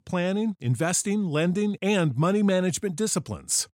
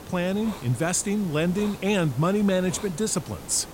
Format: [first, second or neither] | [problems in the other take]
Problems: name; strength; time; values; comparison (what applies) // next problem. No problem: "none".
first | hiss; noticeable; throughout; 15 dB below the speech